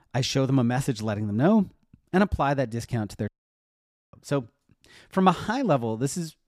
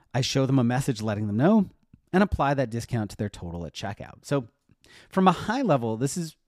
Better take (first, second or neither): second